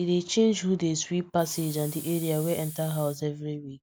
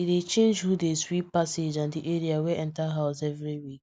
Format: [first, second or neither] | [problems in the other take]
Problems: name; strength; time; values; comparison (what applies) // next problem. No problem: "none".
second | background sound (Hiss); 14 dB below the speech